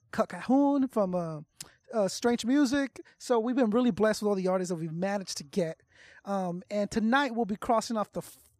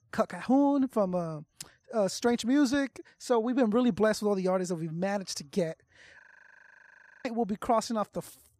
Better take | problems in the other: first | audio freezing; at 6 s for 1 s

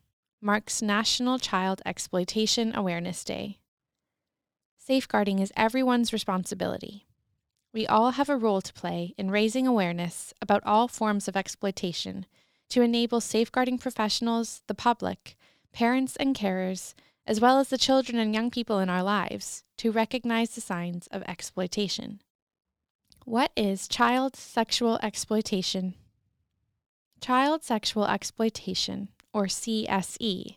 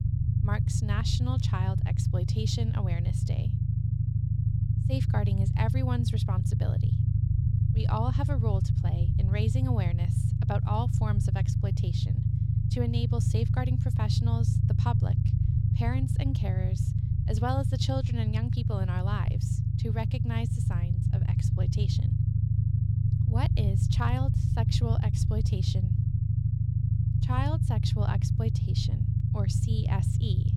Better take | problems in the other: first | low rumble; loud; throughout; 2 dB below the speech

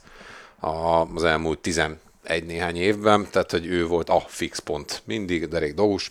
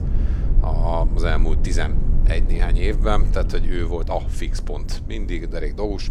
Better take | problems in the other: first | low rumble; noticeable; throughout; 10 dB below the speech

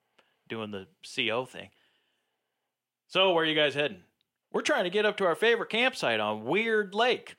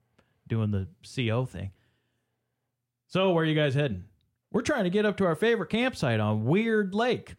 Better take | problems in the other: second | thin; somewhat; fading below 350 Hz

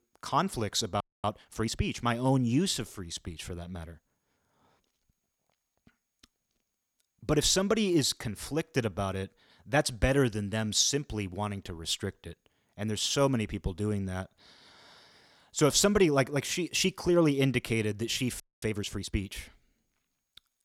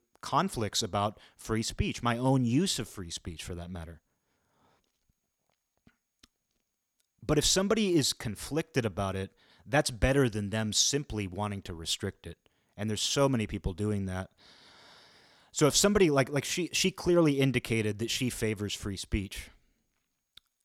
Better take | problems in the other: second | audio freezing; at 1 s and at 18 s

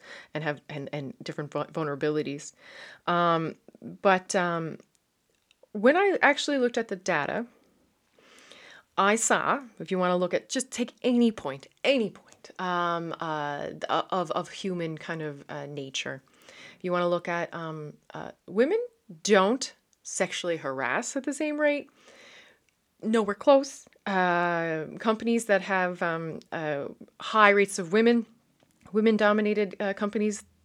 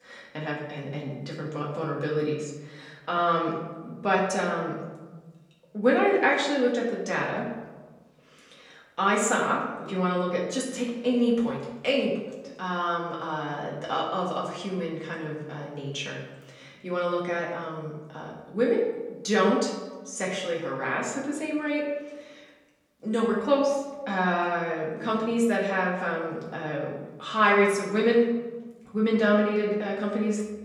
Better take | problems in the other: first | off-mic speech; far // room echo; noticeable; dies away in 1.1 s

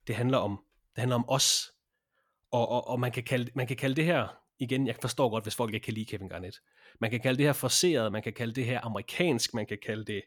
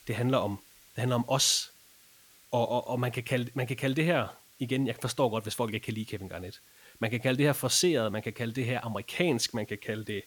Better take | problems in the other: first | hiss; faint; throughout; 25 dB below the speech

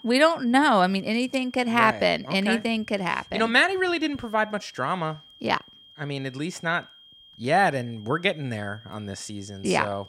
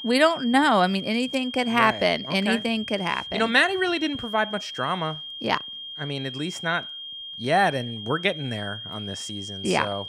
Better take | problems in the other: first | high-pitched whine; loud; throughout; 3 kHz, 10 dB below the speech; faint in the first

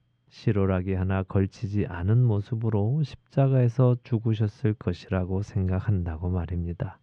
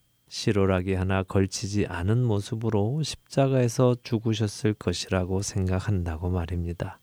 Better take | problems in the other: second | muffled; slightly; fading above 2.5 kHz

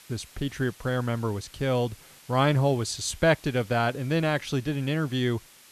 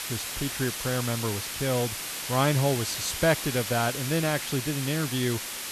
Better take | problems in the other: first | hiss; loud; throughout; 4 dB below the speech; faint in the first

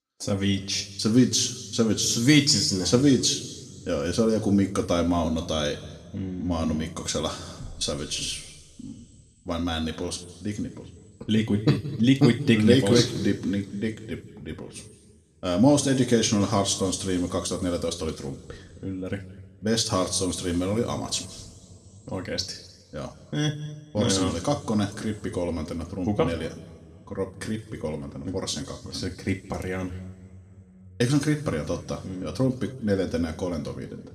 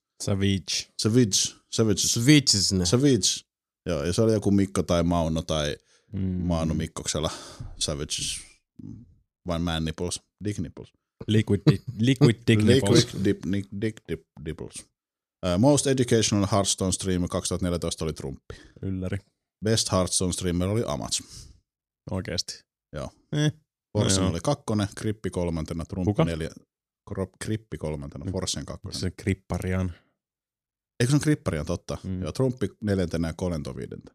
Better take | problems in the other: second | room echo; slight; dies away in 2.3 s // off-mic speech; somewhat distant

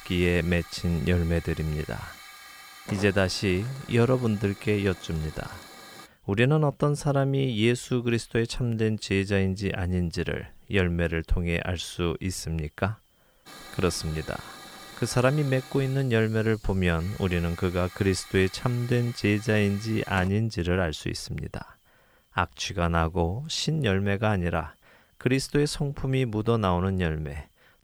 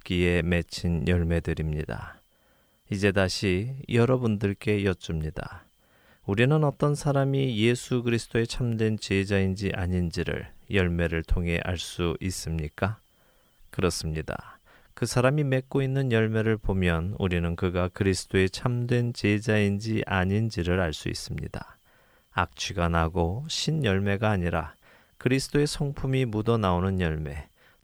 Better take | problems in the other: second | hiss; noticeable; until 6 s and from 13 to 20 s; 20 dB below the speech

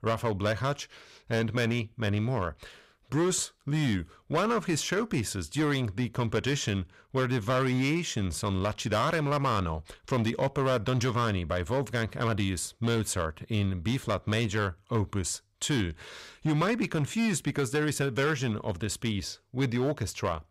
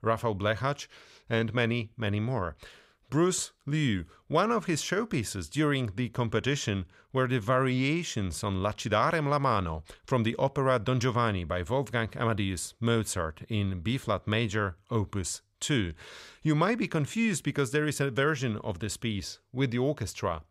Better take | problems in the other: second | distortion; slight; 8% of the sound clipped

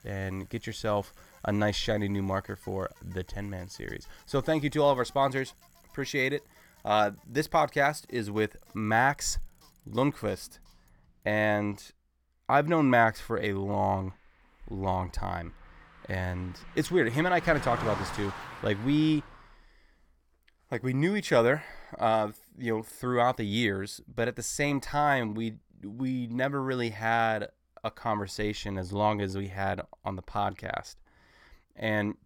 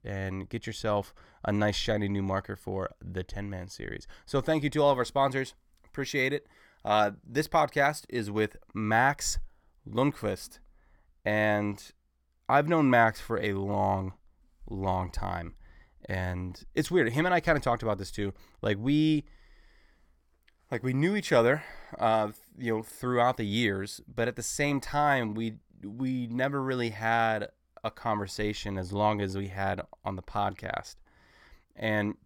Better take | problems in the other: second | traffic noise; noticeable; until 19 s; 15 dB below the speech

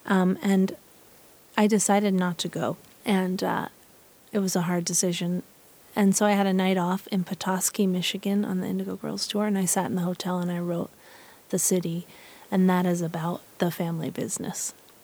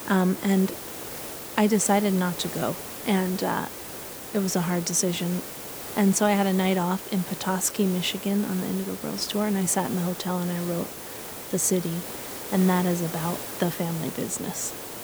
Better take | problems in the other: first | hiss; loud; throughout; 9 dB below the speech; faint in the first

